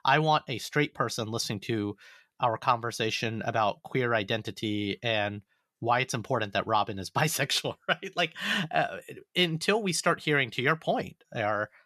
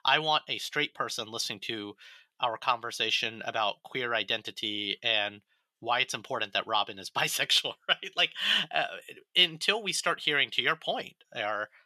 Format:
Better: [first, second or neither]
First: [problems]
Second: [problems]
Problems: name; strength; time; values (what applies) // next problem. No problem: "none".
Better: first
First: none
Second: thin; somewhat; fading below 550 Hz